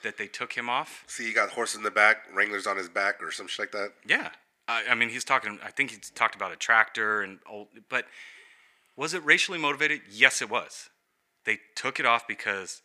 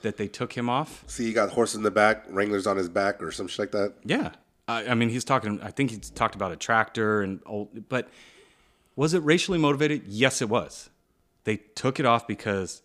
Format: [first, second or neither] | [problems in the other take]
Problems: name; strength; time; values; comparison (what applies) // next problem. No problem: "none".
second | thin; somewhat; fading below 1 kHz